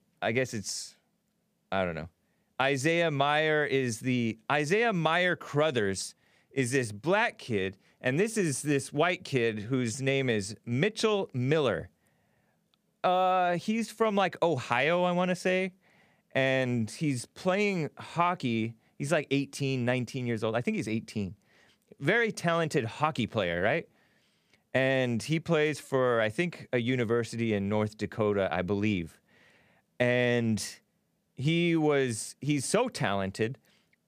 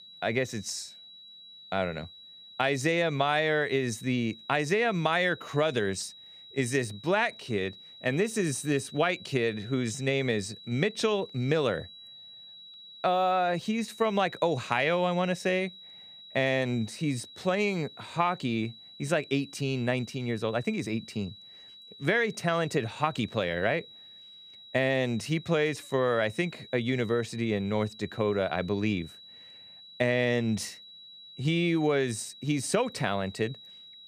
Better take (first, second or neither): first